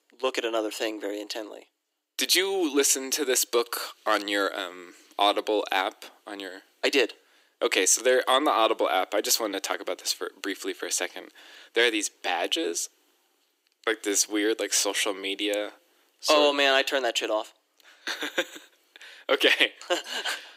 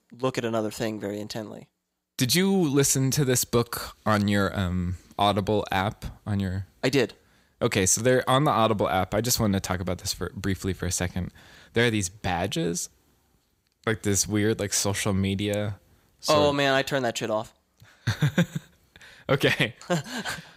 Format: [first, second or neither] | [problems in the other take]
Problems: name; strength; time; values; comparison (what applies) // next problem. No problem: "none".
second | thin; somewhat; fading below 300 Hz